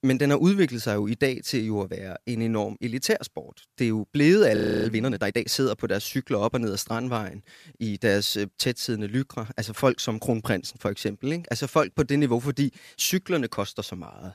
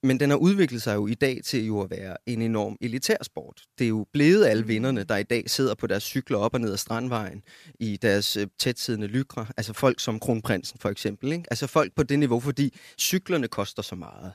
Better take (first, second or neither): second